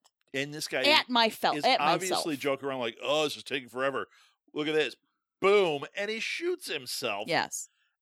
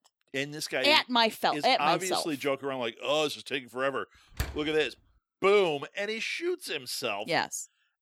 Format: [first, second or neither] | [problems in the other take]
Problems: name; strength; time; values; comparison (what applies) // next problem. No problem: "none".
first | door banging; noticeable; at 4.5 s; peak 9 dB below the speech